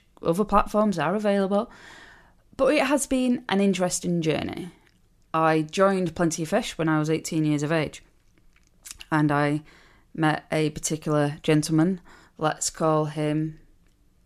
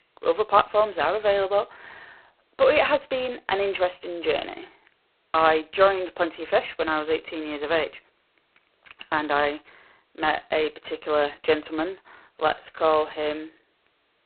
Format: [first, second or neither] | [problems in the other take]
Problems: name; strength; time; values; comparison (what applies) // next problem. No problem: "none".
first | phone-call audio; poor line; nothing above 4 kHz